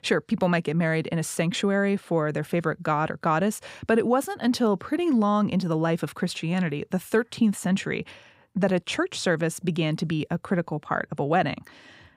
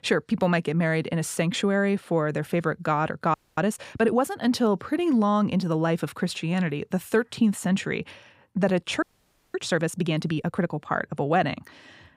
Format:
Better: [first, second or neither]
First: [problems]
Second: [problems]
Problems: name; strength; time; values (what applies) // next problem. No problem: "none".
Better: first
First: none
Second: audio freezing; at 3.5 s and at 9 s for 0.5 s